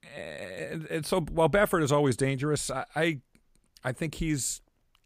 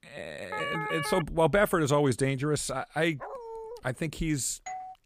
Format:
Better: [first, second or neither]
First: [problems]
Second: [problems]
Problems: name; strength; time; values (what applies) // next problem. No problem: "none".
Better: first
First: none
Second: siren; noticeable; at 0.5 s; peak 4 dB below the speech // dog barking; faint; at 3 s; peak 10 dB below the speech // doorbell; faint; at 4.5 s; peak 10 dB below the speech